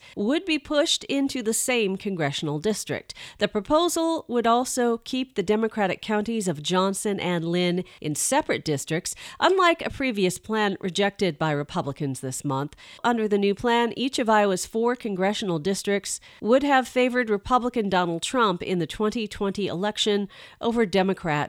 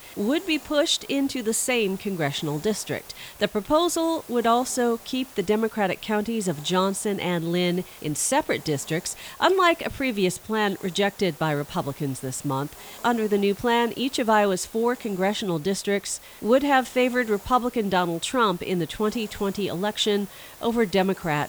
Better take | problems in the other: first | hiss; noticeable; throughout; 20 dB below the speech

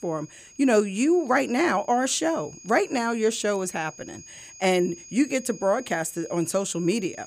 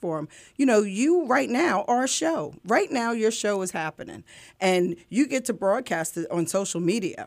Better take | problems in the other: second | high-pitched whine; noticeable; throughout; 6.5 kHz, 20 dB below the speech

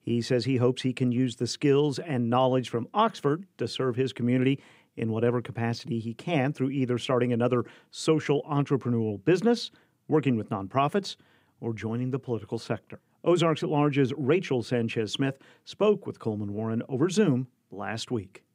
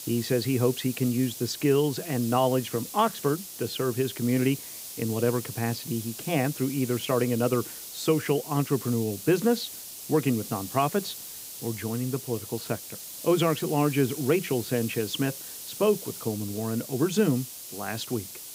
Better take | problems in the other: first | hiss; loud; throughout; 10 dB below the speech

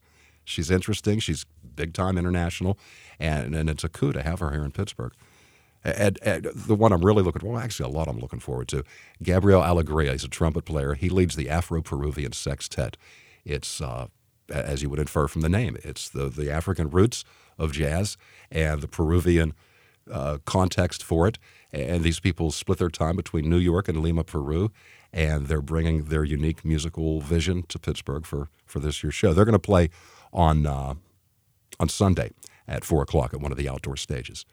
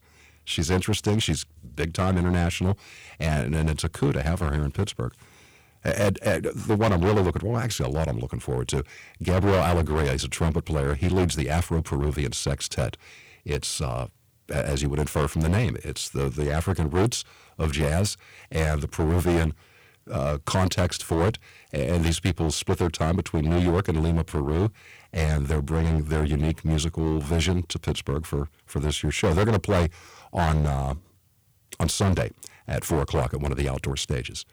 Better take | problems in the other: first | distortion; heavy; 10% of the sound clipped

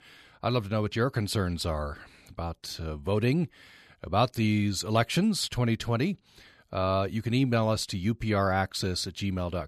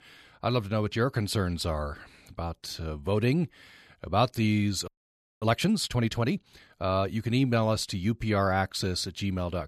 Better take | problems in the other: first | audio freezing; at 5 s for 0.5 s

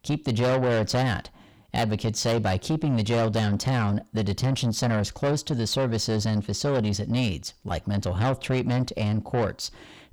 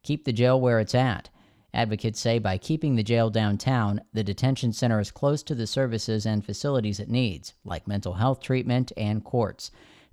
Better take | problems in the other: second | distortion; heavy; 7 dB below the speech

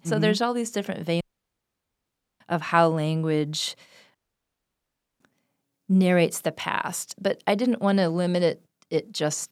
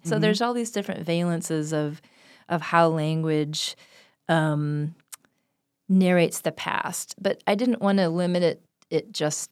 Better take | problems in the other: second | audio cutting out; at 1 s for 1 s and at 4 s for 1 s

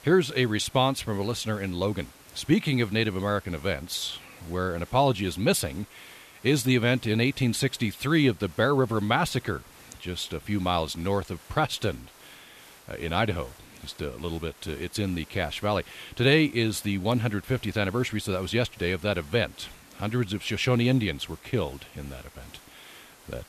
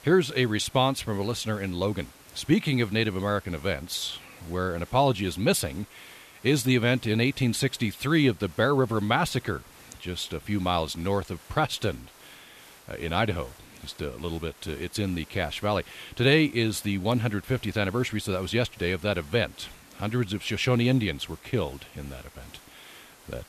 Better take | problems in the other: neither | hiss; faint; throughout; 25 dB below the speech; the same in both

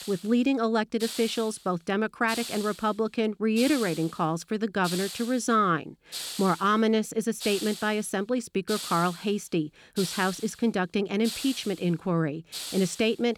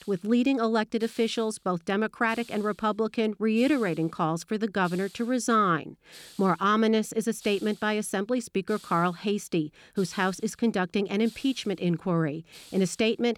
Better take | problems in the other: second | hiss; loud; throughout; 10 dB below the speech; faint in the second

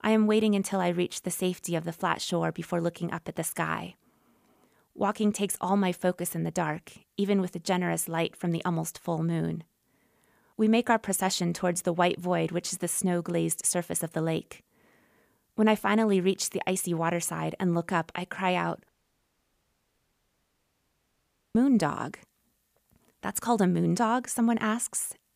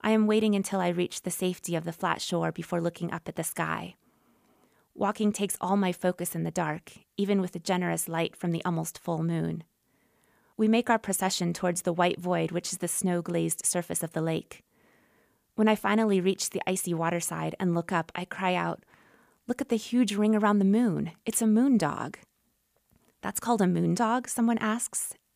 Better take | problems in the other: second | audio cutting out; at 19 s for 2.5 s

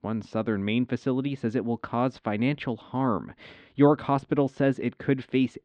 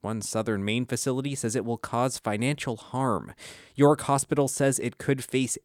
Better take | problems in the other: second | muffled; very; fading above 3.5 kHz

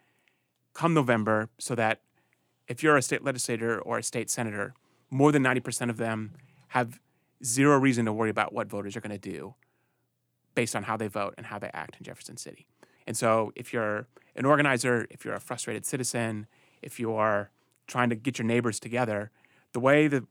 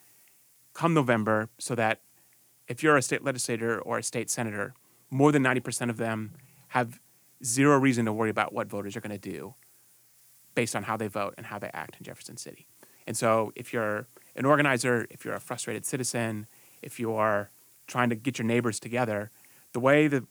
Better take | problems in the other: first | hiss; faint; throughout; 30 dB below the speech

